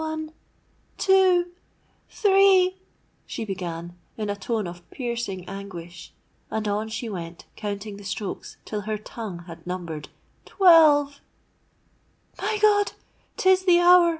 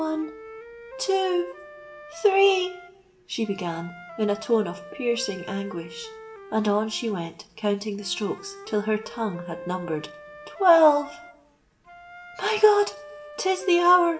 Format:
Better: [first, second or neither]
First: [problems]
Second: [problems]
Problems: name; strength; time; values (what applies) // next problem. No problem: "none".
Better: first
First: none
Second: background sound (Wind instrument, woodwind instrument); 17 dB below the speech // room echo; dies away in 0.5 s